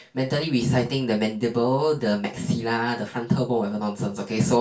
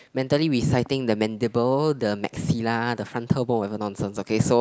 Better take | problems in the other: second | room echo; dies away in 0.2 s

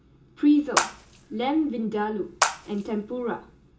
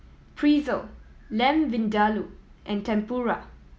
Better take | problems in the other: second | background sound (Water / Splash, splatter); 5 dB below the speech // room echo; dies away in 0.2 s

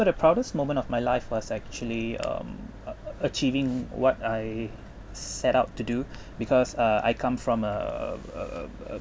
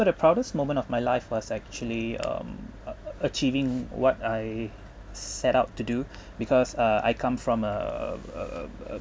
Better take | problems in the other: second | background sound (Thunder); 18 dB below the speech

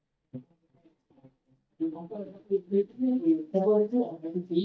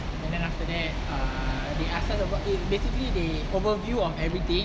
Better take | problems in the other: second | noise reduction (neural mask model DeepFilterNet 3)

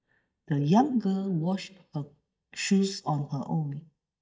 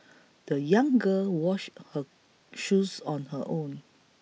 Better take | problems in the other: second | noise reduction (neural mask model DeepFilterNet 3)

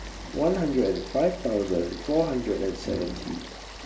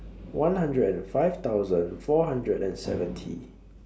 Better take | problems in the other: second | background sound (Stream / Frog); 15 dB below the speech // room echo; dies away in 2 s

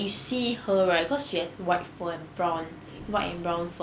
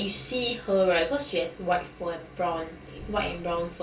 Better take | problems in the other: first | room echo; dies away in 0.2 s

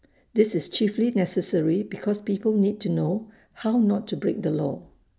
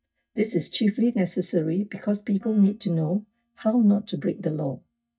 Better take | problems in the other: first | noise reduction (neural mask model DeepFilterNet 3)

